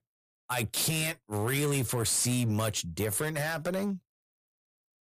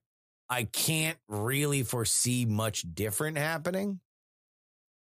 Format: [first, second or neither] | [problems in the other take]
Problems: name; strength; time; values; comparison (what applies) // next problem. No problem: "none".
second | distortion; slight; 9% of the sound clipped